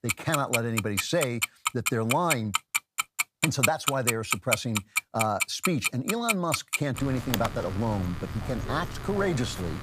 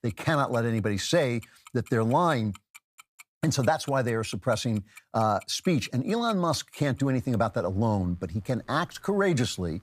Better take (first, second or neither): second